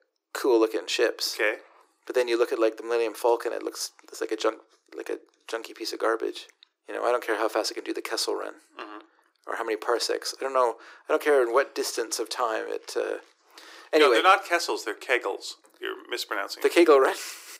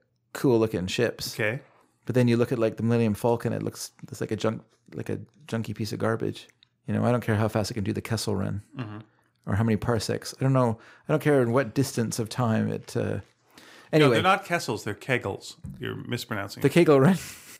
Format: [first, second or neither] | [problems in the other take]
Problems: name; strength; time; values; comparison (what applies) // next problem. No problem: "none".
second | thin; very; fading below 300 Hz